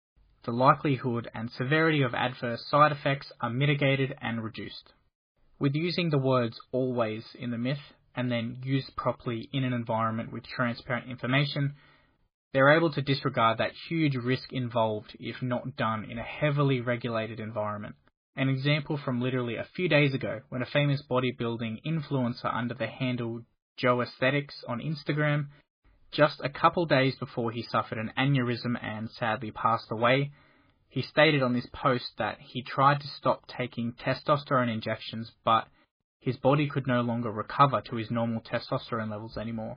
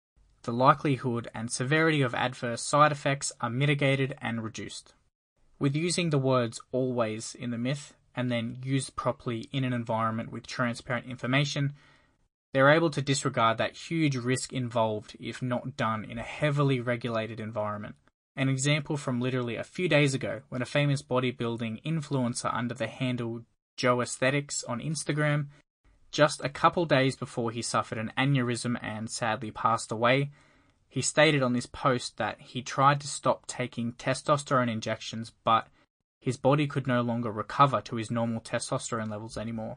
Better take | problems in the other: second | garbled, watery; badly; nothing above 4 kHz; slightly in the second

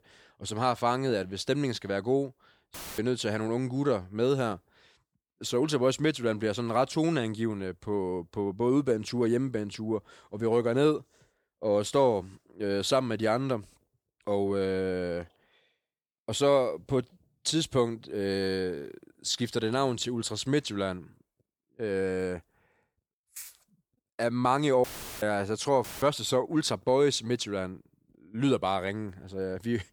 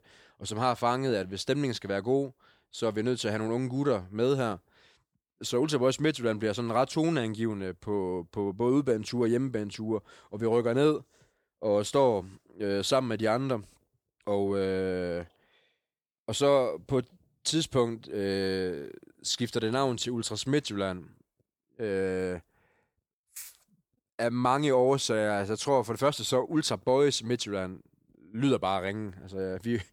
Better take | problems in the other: second | audio cutting out; filled with static; at 2.5 s, at 25 s and at 26 s

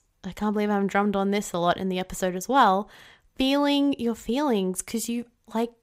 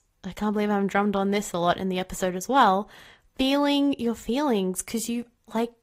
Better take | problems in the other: first | garbled, watery; slightly; nothing above 15.5 kHz

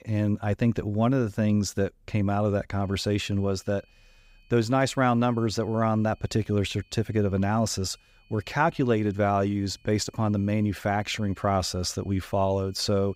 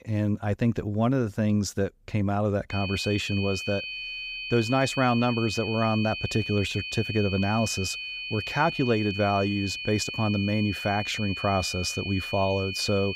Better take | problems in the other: first | high-pitched whine; loud; from 2.5 s on; 2.5 kHz, 6 dB below the speech; faint in the first

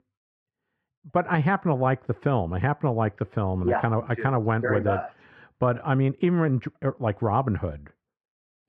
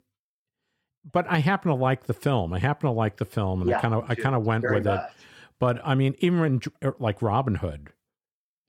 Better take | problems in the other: second | muffled; very; fading above 1.5 kHz

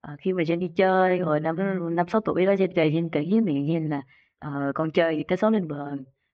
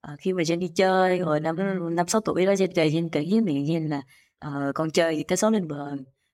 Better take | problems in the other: second | muffled; very; fading above 3 kHz

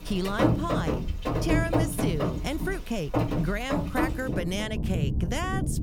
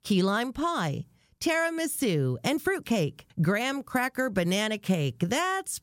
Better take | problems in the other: second | rain or running water; very loud; throughout; 3 dB above the speech

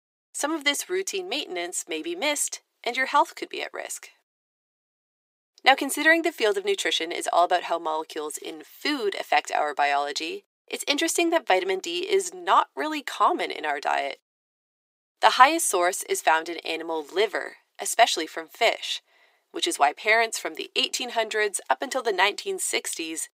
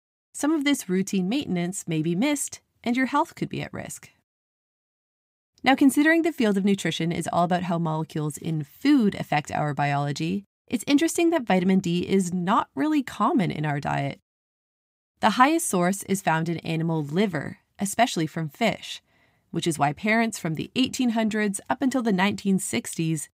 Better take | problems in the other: second | thin; very; fading below 400 Hz

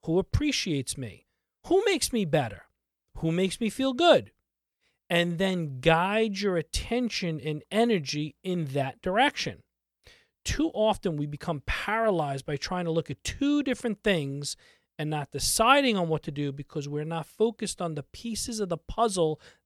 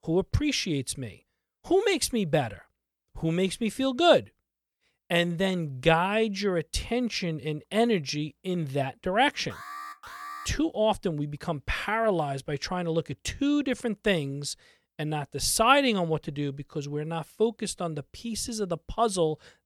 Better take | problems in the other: first | alarm; faint; at 9.5 s; peak 10 dB below the speech

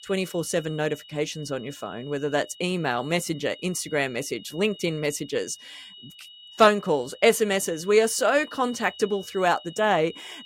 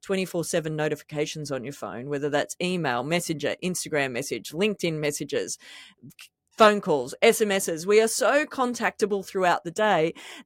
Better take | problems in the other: second | high-pitched whine; noticeable; throughout; 3 kHz, 20 dB below the speech

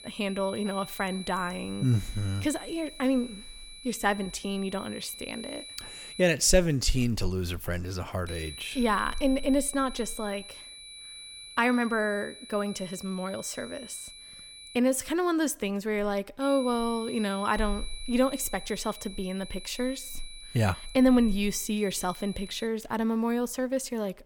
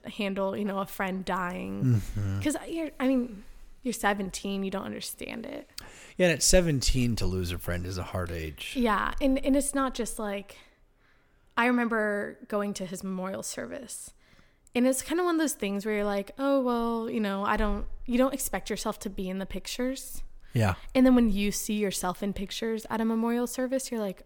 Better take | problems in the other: second | high-pitched whine; noticeable; until 6 s, from 8.5 to 15 s and from 16 to 23 s; 4 kHz, 15 dB below the speech

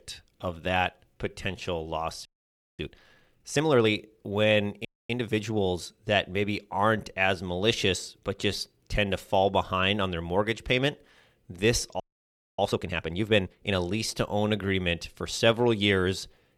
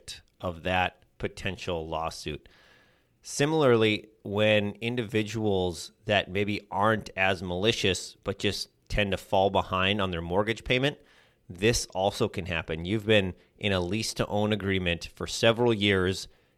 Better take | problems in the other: second | audio freezing; at 2.5 s for 0.5 s, at 5 s and at 12 s for 0.5 s

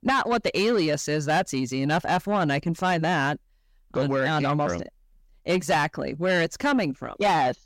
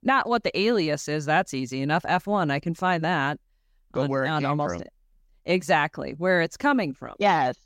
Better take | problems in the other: second | distortion; slight; 10 dB below the speech

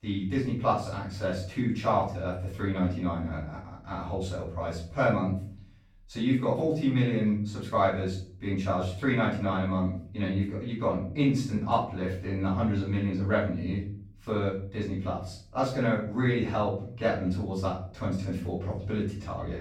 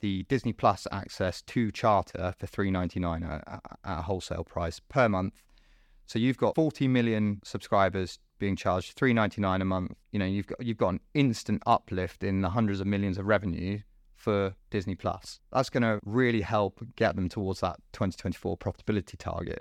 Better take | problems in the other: second | off-mic speech; far // room echo; noticeable; dies away in 0.5 s

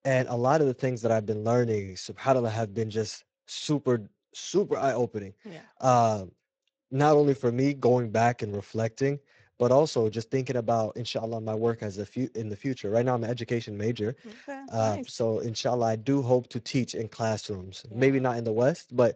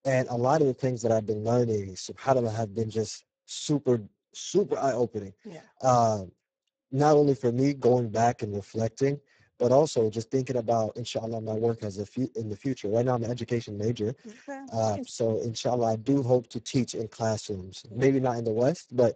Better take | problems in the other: first | garbled, watery; badly; nothing above 7.5 kHz; slightly in the first

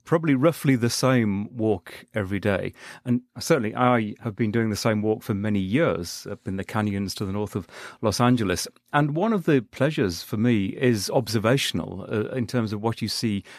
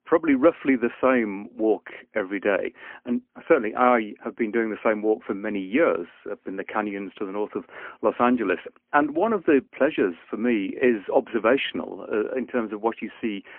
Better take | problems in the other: first | phone-call audio; poor line; nothing above 3.5 kHz

